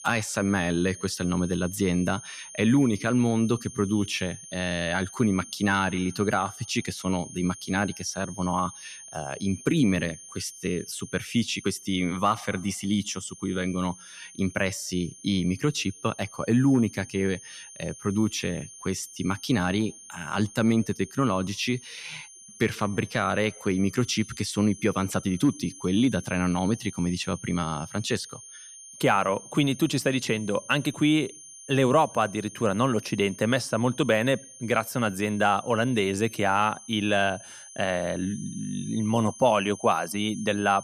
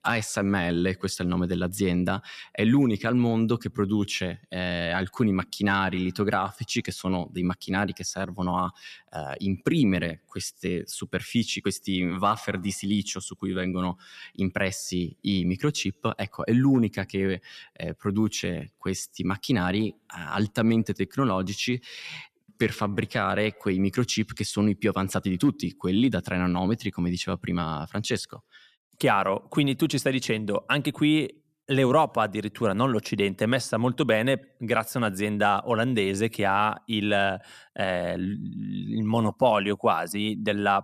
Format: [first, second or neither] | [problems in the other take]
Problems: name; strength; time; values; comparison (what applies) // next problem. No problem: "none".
second | high-pitched whine; noticeable; throughout; 6.5 kHz, 15 dB below the speech